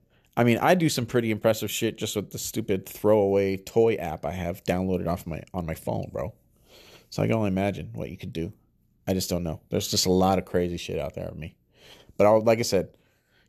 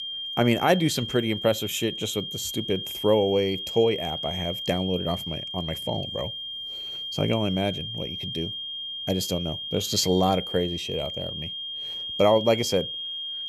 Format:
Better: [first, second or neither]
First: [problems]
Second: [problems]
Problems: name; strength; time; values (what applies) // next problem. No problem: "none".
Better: first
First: none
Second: high-pitched whine; loud; throughout; 3 kHz, 5 dB below the speech